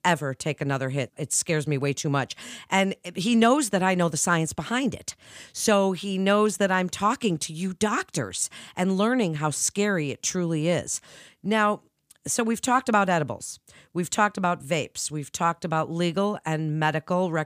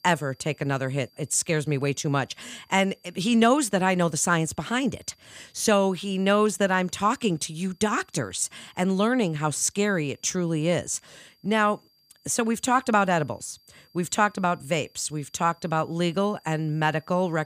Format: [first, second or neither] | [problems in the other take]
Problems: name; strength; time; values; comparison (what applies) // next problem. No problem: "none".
first | high-pitched whine; faint; throughout; 4.5 kHz, 35 dB below the speech